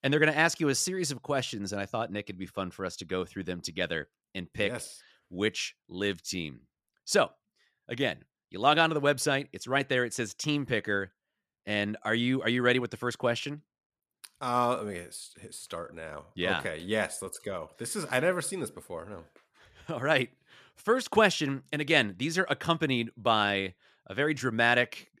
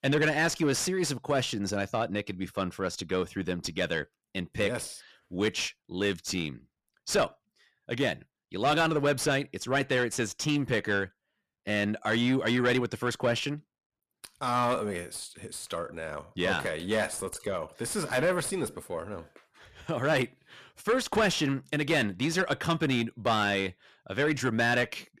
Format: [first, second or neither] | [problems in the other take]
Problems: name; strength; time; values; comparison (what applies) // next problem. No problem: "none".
first | distortion; heavy; 8 dB below the speech